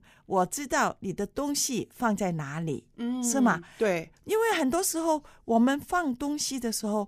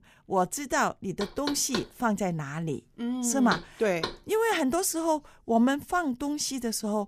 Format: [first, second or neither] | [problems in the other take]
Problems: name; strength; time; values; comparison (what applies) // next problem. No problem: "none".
first | door banging; noticeable; from 1 to 4 s; peak 6 dB below the speech